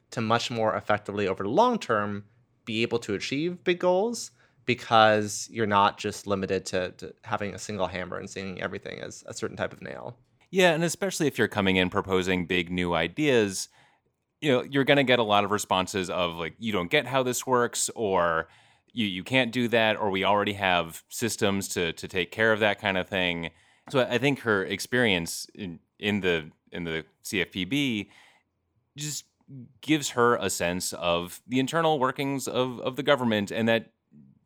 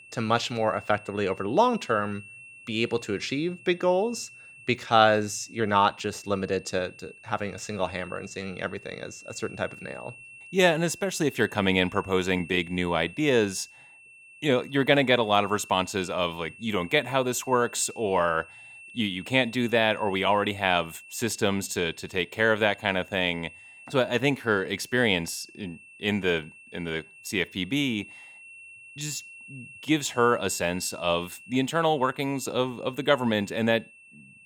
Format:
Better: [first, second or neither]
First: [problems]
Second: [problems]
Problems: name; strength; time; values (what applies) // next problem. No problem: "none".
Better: first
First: none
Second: high-pitched whine; noticeable; throughout; 2.5 kHz, 20 dB below the speech